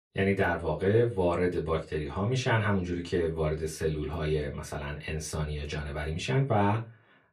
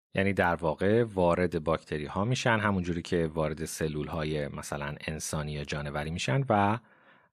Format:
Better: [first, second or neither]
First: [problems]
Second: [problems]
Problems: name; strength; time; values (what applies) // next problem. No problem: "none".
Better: second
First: off-mic speech; far // room echo; very slight; dies away in 0.2 s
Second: none